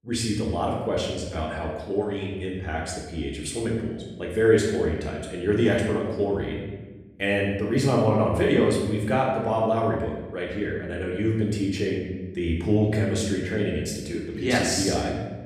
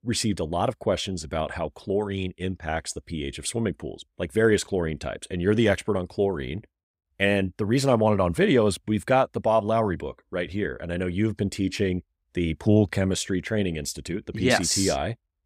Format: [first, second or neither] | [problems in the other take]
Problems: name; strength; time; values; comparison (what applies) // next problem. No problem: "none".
second | room echo; noticeable; dies away in 1 s // off-mic speech; far